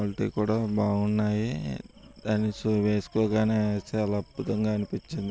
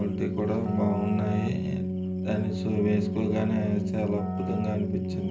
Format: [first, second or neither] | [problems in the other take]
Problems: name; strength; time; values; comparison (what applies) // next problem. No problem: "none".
first | background sound (Keyboard (musical)); 2 dB below the speech // room echo; dies away in 0.5 s